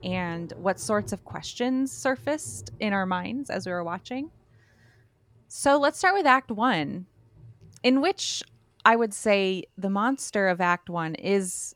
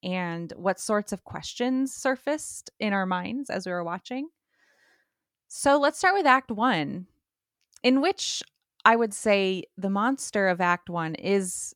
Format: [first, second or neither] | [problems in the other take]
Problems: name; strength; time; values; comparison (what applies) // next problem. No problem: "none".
second | rain or running water; faint; throughout; 25 dB below the speech